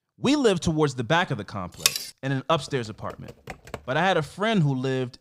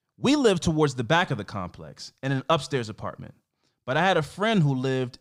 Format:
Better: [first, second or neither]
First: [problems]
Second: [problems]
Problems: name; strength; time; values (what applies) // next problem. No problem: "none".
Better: second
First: clattering dishes; loud; at 2 s; peak 1 dB above the speech // keyboard typing; faint; from 2.5 to 4 s; peak 15 dB below the speech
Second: none